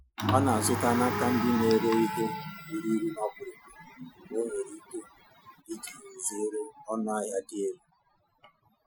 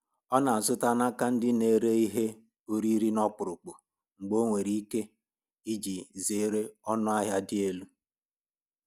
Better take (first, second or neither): second